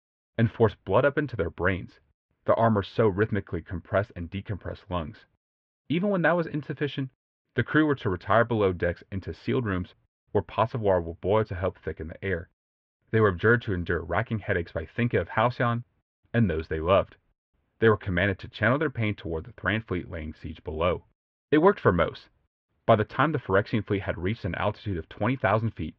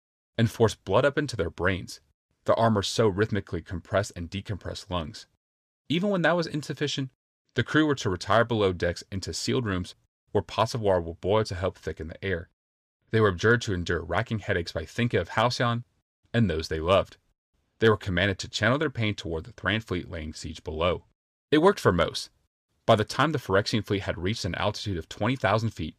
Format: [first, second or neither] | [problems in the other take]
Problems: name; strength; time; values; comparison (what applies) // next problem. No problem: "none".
second | muffled; very; fading above 2.5 kHz